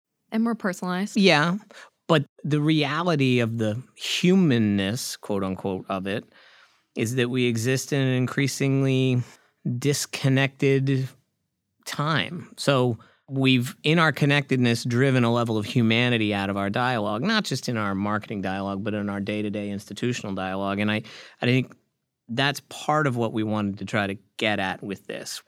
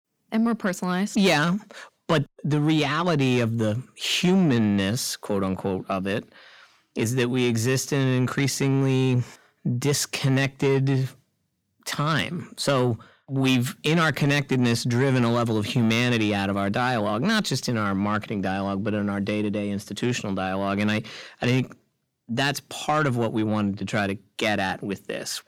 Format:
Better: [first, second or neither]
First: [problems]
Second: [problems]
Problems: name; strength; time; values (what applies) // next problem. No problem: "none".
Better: first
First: none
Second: distortion; slight; 10 dB below the speech